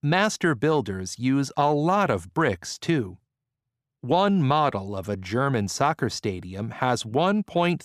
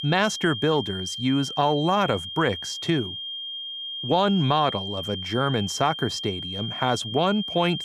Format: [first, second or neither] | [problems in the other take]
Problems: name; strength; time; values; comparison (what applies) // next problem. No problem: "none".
first | high-pitched whine; loud; throughout; 3 kHz, 6 dB below the speech